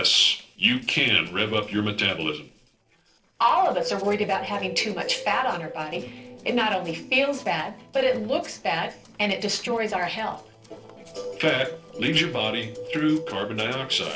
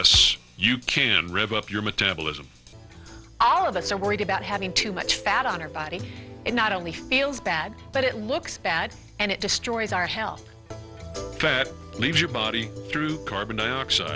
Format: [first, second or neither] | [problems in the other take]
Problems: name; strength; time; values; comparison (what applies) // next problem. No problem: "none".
second | noise reduction (neural separator model SepFormer DNS4)